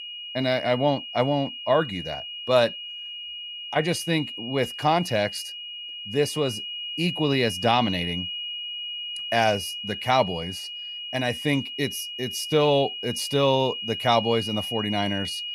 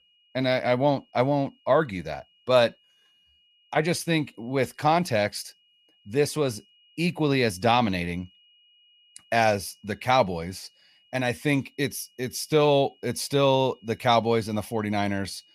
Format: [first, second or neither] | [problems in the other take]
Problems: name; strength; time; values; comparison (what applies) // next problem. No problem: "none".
second | high-pitched whine; loud; throughout; 3 kHz, 7 dB below the speech; faint in the second